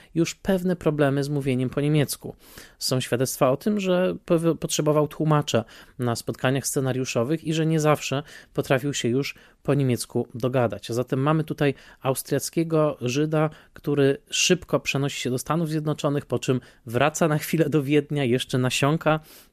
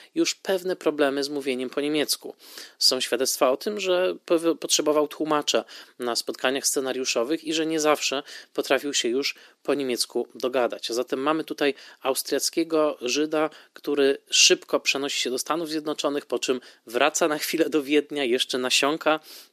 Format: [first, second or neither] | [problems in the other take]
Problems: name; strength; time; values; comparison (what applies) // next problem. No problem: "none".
first | thin; somewhat; fading below 300 Hz